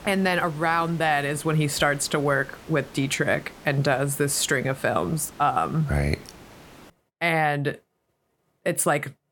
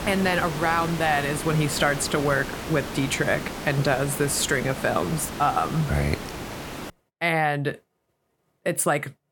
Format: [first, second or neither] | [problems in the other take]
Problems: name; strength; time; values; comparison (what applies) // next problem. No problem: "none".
first | hiss; loud; until 7 s; 9 dB below the speech; faint in the first